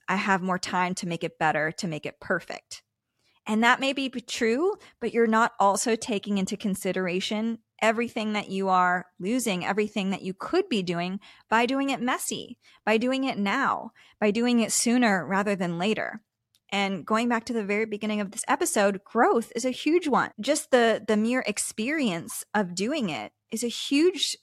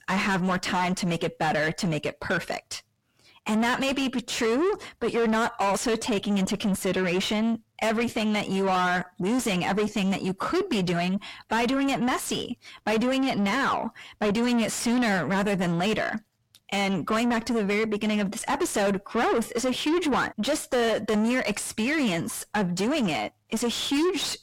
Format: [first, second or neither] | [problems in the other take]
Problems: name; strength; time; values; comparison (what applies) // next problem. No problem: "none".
first | distortion; heavy; 5 dB below the speech